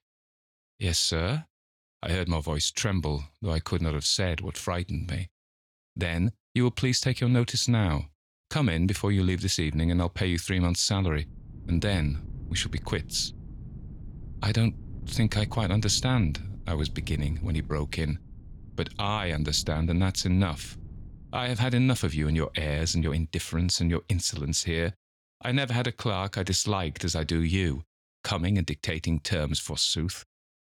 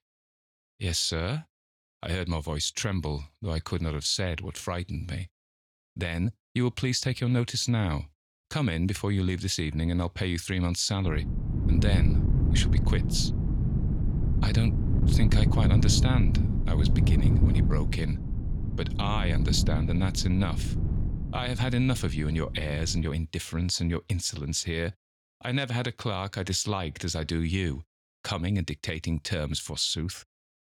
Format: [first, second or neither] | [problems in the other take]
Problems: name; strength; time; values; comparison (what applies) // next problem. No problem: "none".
first | wind noise on the microphone; heavy; from 11 to 23 s; 6 dB below the speech; occasional gusts in the first